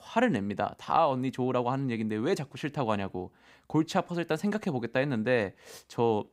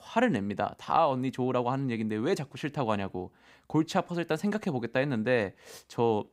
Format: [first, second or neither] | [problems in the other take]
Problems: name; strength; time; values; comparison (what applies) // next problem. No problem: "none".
neither | none